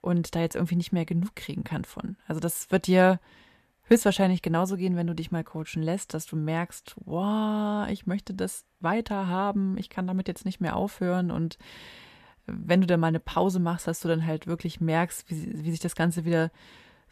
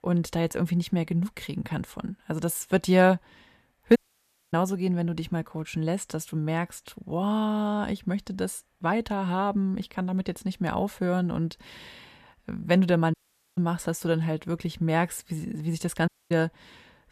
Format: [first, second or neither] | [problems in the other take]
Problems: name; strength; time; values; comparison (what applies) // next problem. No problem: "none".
first | audio cutting out; at 4 s for 0.5 s, at 13 s and at 16 s